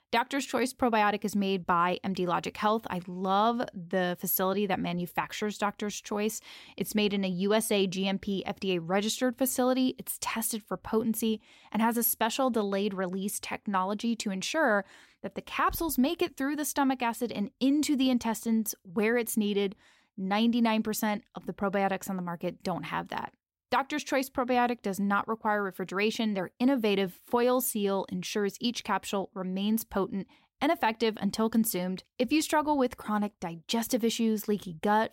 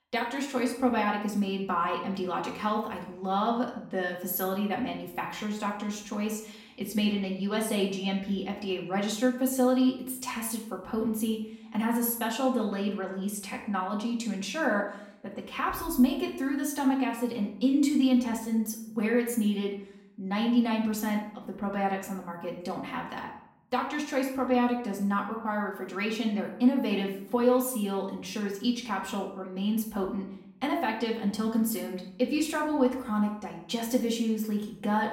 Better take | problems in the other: first | off-mic speech; far // room echo; slight; dies away in 0.6 s

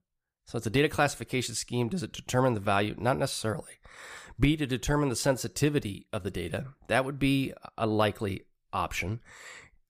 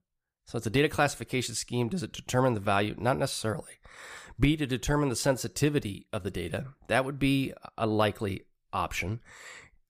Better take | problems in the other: neither | none

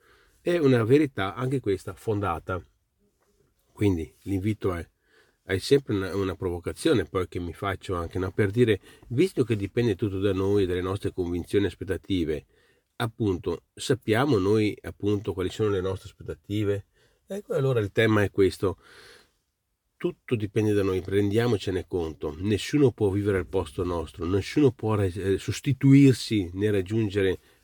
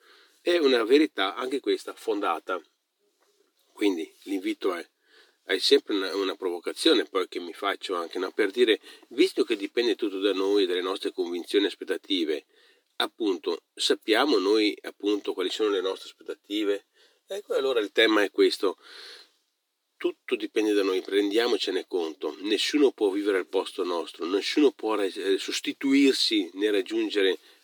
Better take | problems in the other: first | thin; somewhat; fading below 300 Hz

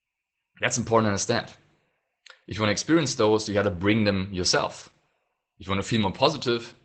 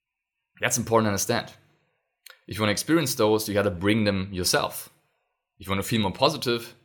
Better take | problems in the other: second | garbled, watery; badly; nothing above 8 kHz

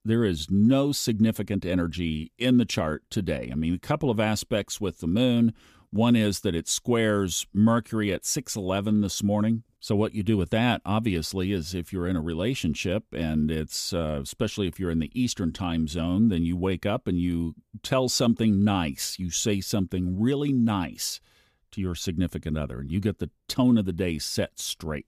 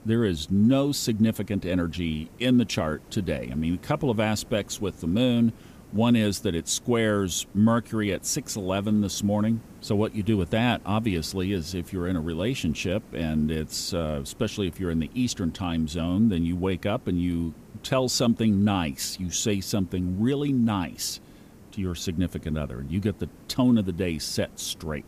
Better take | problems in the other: first | hiss; faint; throughout; 25 dB below the speech

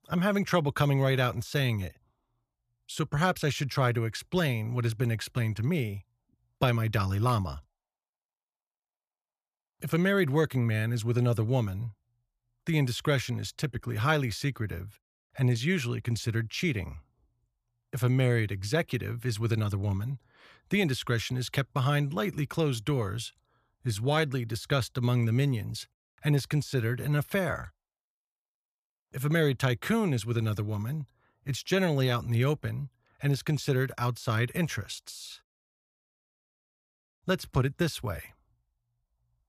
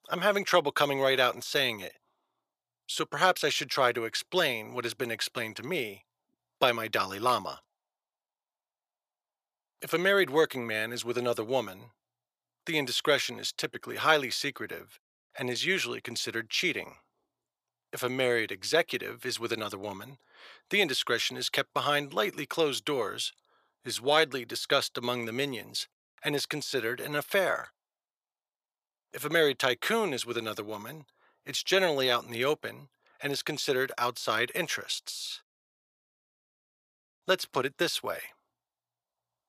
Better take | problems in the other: first | thin; very; fading below 450 Hz

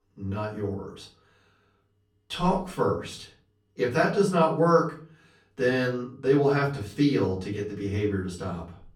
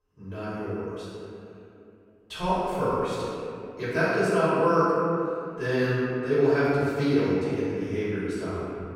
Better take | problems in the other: first | room echo; strong; dies away in 2.5 s; slight in the first // off-mic speech; far; far in the first

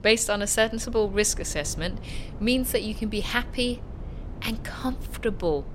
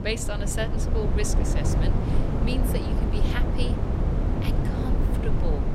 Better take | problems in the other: first | wind noise on the microphone; heavy; 1 dB above the speech; occasional gusts in the first

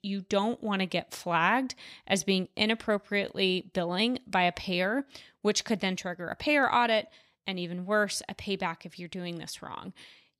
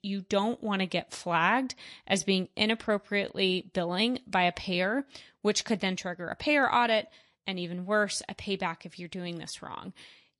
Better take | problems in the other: first | garbled, watery; slightly; nothing above 11 kHz

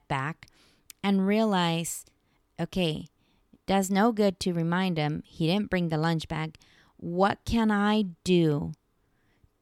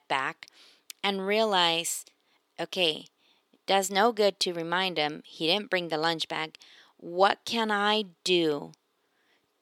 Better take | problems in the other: first | thin; somewhat; fading below 450 Hz

